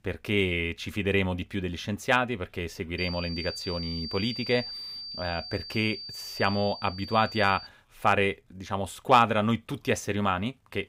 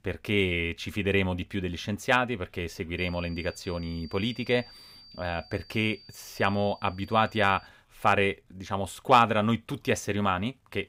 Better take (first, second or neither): second